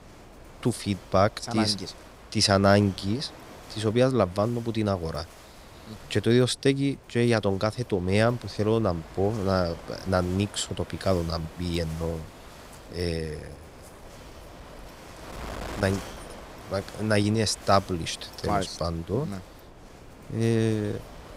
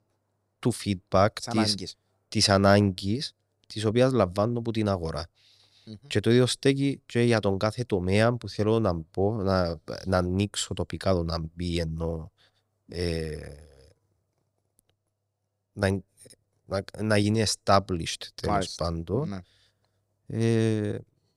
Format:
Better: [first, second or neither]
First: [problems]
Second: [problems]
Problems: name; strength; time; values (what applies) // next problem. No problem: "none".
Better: second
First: wind noise on the microphone; occasional gusts; 15 dB below the speech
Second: none